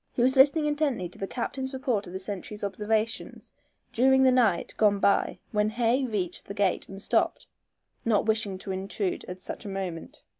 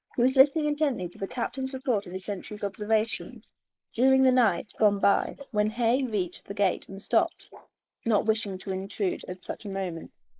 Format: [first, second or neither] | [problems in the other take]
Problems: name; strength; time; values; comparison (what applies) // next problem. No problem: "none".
first | noise reduction (neural mask model Resemble Enhance denoiser)